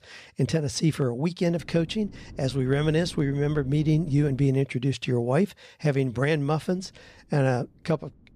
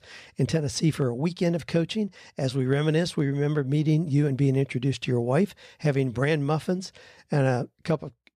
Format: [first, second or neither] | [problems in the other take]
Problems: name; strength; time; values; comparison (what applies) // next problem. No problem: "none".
second | wind noise on the microphone; occasional gusts; from 1.5 to 4.5 s and from 6 s on; 25 dB below the speech